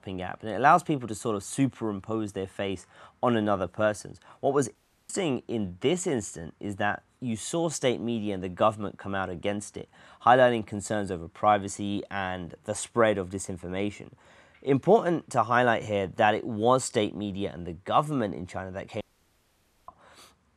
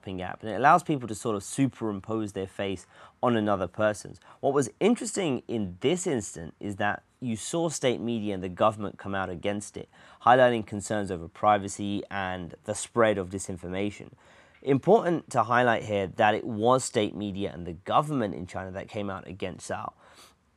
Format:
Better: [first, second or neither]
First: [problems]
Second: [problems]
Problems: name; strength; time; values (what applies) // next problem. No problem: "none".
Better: second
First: audio cutting out; at 5 s and at 19 s for 1 s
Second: none